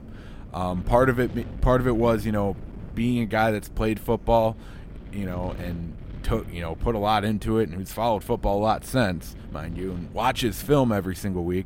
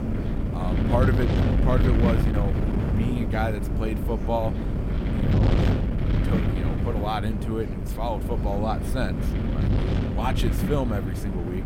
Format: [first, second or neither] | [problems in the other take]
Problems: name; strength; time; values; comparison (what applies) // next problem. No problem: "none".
first | wind noise on the microphone; heavy; 2 dB below the speech; occasional gusts in the first